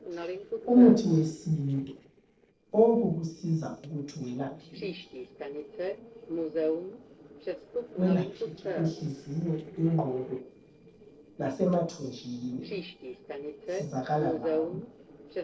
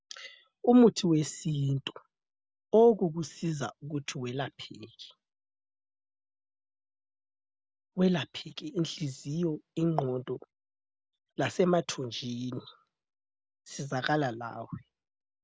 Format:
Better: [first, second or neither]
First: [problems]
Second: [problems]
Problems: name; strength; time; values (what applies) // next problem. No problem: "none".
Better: second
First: noise reduction (neural separator model SepFormer DNS4)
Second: none